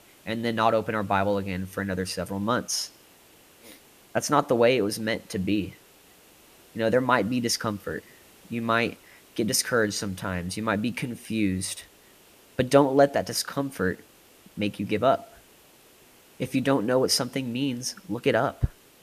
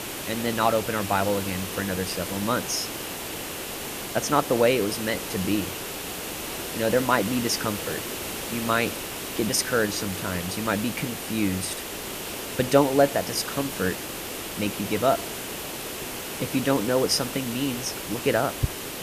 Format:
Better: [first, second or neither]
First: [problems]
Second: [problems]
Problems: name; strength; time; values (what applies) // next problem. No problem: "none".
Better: first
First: hiss; faint; throughout; 25 dB below the speech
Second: hiss; loud; throughout; 6 dB below the speech